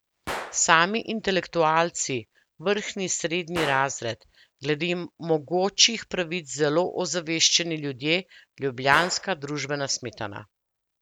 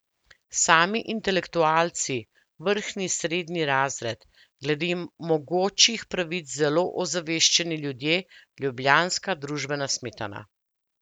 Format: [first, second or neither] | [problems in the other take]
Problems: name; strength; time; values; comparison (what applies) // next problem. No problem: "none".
second | background sound (Gunshot, gunfire); 17 dB below the speech